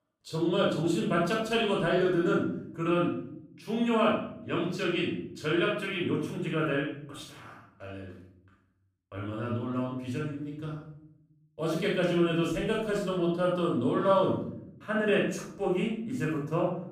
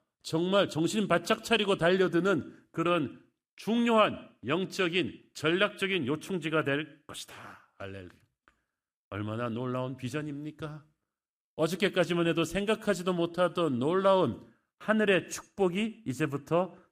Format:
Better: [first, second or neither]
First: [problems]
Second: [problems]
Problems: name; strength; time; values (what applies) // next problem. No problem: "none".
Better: second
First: off-mic speech; far // room echo; noticeable; dies away in 0.8 s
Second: none